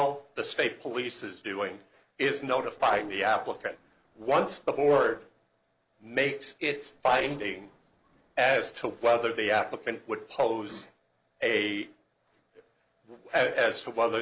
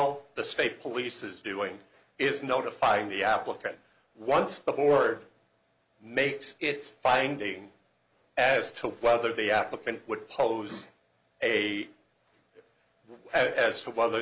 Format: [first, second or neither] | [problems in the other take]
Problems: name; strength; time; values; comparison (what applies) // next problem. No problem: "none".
second | noise reduction (neural separator model SepFormer DNS4)